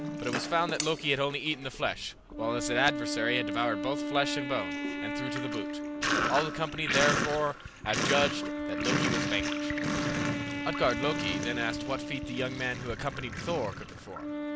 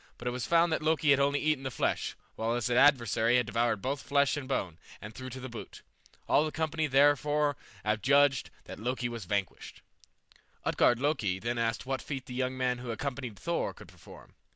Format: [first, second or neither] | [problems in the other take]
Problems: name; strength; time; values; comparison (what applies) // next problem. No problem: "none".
second | background sound (Wind instrument, woodwind instrument + Sink (filling or washing)); 1 dB below the speech